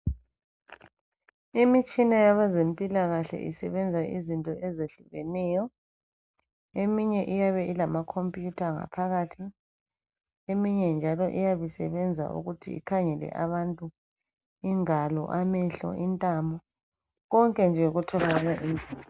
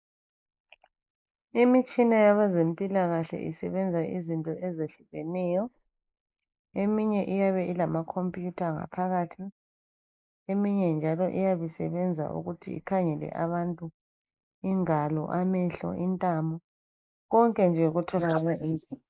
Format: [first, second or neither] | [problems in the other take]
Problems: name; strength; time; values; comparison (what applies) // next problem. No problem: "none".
first | noise reduction (neural mask model Resemble Enhance denoiser)